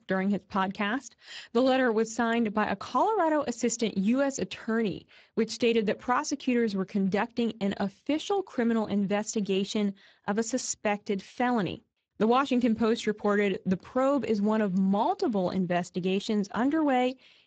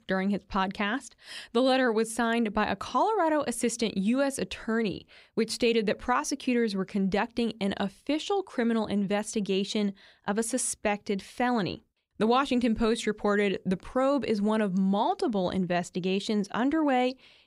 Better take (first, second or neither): second